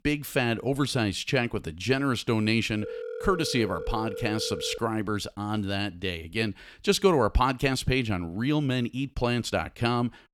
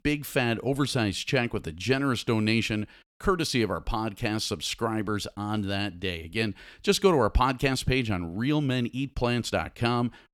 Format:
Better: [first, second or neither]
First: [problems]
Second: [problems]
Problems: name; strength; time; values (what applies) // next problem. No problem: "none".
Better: second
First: phone ringing; noticeable; from 3 to 5 s; peak 9 dB below the speech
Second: none